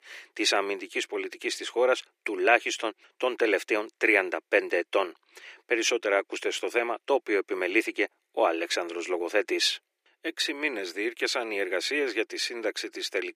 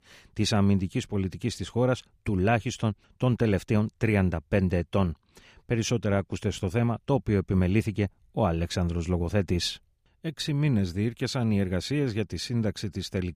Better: second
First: thin; very; fading below 350 Hz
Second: none

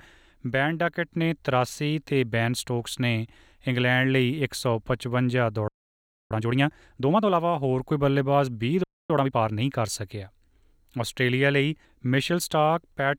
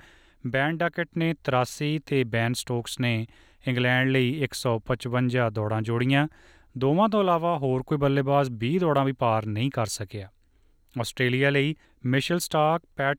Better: second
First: audio freezing; at 5.5 s for 0.5 s and at 9 s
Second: none

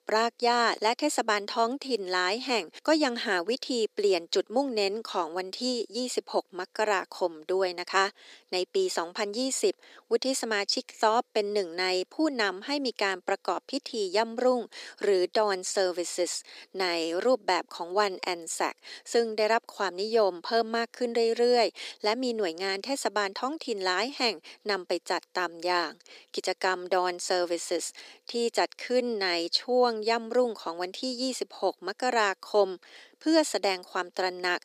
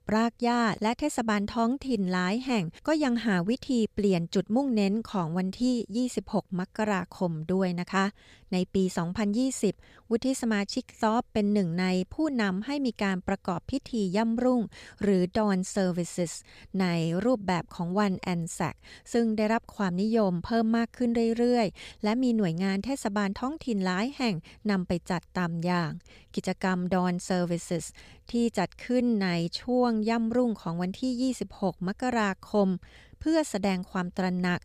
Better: second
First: thin; somewhat; fading below 300 Hz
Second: none

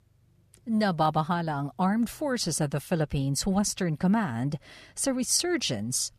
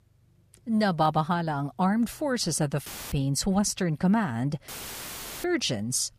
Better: first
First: none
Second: audio cutting out; filled with static; at 3 s and at 4.5 s for 1 s

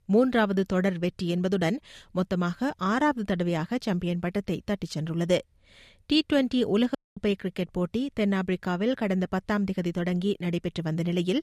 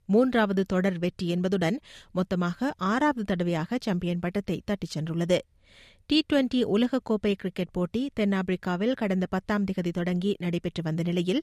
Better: second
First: audio cutting out; at 7 s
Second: none

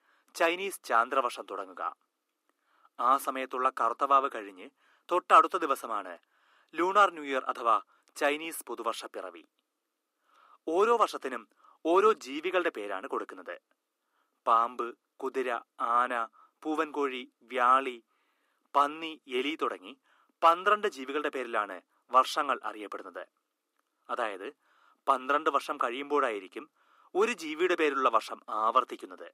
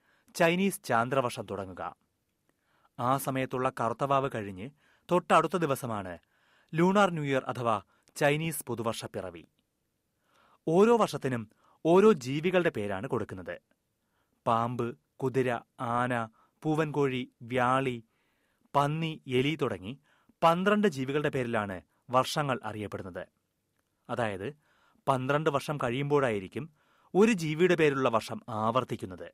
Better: second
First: thin; somewhat; fading below 300 Hz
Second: none

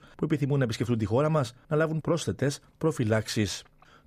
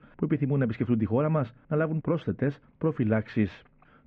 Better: first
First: none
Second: muffled; very; fading above 2.5 kHz

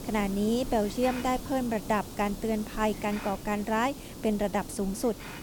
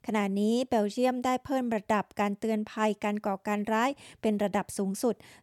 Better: second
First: hiss; noticeable; throughout; 10 dB below the speech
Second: none

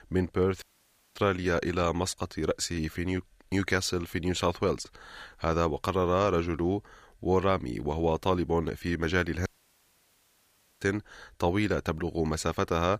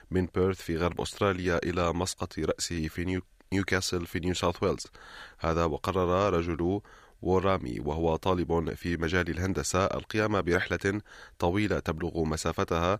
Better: second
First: audio cutting out; at 0.5 s for 0.5 s and at 9.5 s for 1.5 s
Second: none

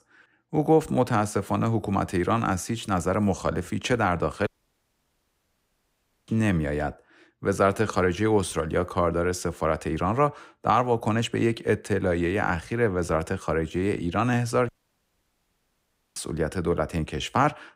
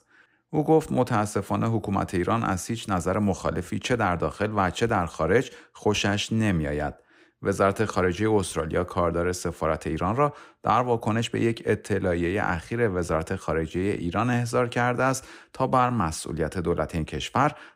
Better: second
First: audio cutting out; at 4.5 s for 2 s and at 15 s for 1.5 s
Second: none

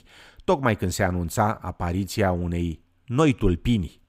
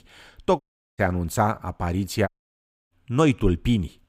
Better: first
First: none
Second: audio cutting out; at 0.5 s and at 2.5 s for 0.5 s

